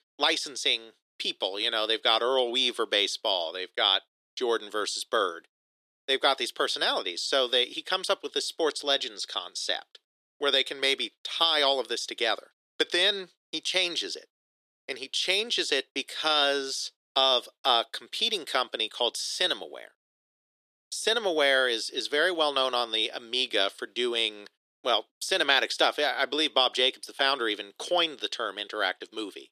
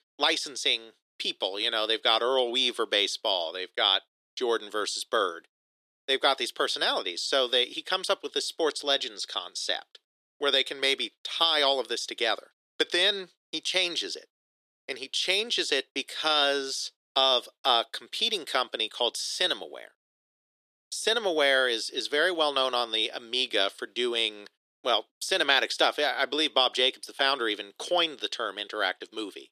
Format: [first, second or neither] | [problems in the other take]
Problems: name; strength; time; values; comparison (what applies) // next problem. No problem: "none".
neither | thin; very; fading below 300 Hz; the same in both